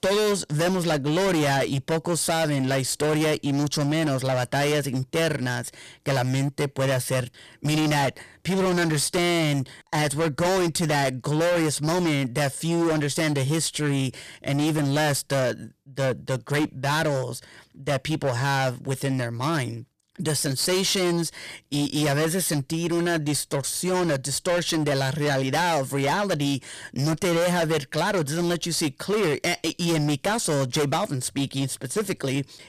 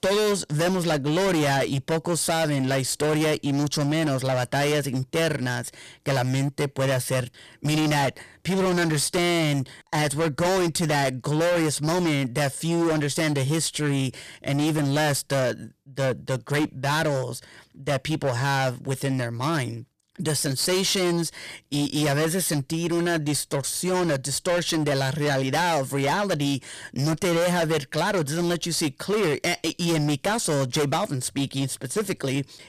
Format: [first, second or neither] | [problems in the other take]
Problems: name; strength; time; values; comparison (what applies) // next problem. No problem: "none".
neither | distortion; heavy; 23% of the sound clipped; the same in both